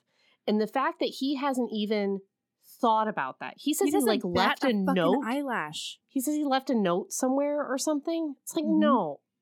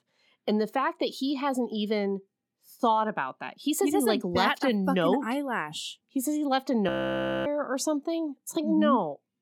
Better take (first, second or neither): first